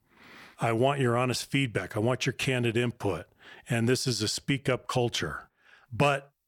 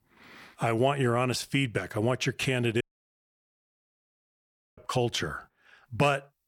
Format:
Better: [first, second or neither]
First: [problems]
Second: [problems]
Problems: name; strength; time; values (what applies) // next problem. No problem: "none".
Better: first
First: none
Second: audio cutting out; at 3 s for 2 s